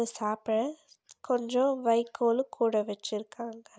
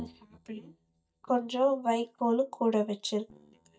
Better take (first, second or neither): first